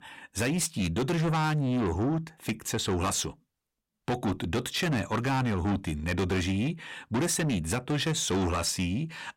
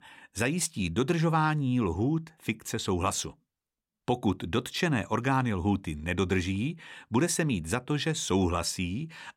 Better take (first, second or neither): second